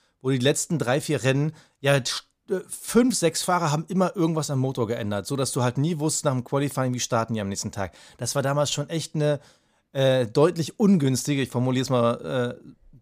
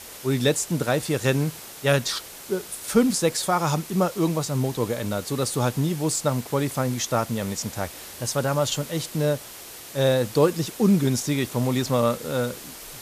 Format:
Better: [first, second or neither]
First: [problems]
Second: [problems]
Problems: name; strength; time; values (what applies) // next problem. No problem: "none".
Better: first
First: none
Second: hiss; noticeable; throughout; 15 dB below the speech